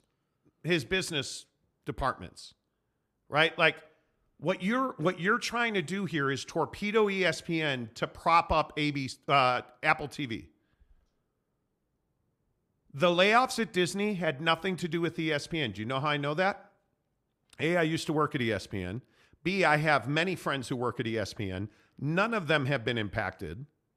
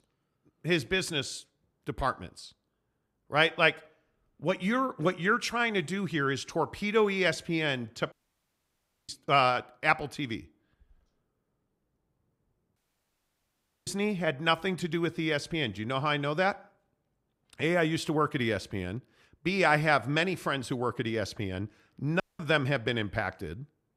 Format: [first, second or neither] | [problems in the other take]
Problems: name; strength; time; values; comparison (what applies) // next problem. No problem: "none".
first | audio cutting out; at 8 s for 1 s, at 13 s for 1 s and at 22 s